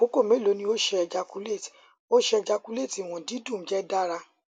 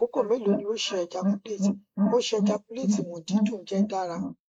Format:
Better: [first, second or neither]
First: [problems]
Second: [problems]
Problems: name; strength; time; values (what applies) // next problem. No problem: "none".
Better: first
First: none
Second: noise reduction (neural mask model Resemble Enhance denoiser)